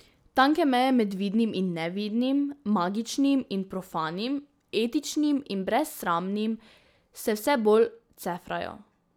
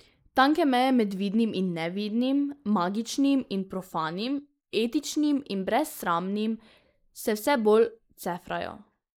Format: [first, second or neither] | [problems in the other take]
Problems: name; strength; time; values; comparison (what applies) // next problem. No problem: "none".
first | noise reduction (neural mask model Resemble Enhance denoiser)